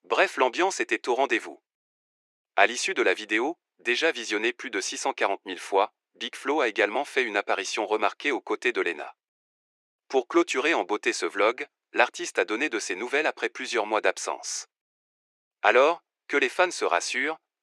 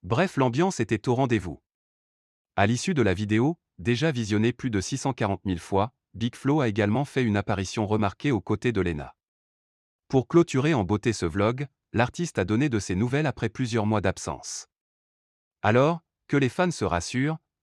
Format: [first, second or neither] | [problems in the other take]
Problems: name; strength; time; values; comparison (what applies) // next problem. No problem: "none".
second | thin; very; fading below 350 Hz